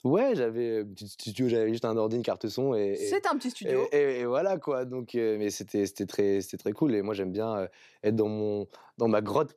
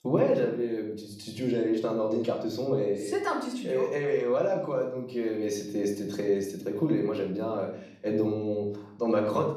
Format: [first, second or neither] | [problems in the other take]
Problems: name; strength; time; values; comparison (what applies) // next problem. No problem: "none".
first | room echo; slight; dies away in 0.6 s // off-mic speech; somewhat distant